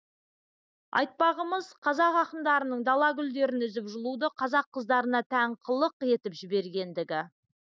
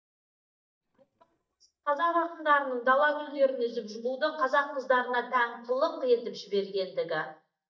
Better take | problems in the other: first | noise reduction (neural mask model DeepFilterNet 3)

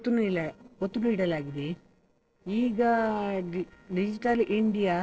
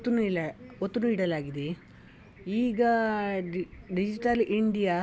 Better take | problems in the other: second | noise reduction (neural separator model SepFormer DNS4)

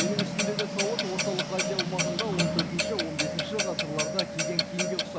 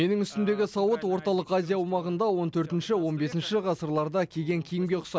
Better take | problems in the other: second | background sound (Clock); 4 dB above the speech

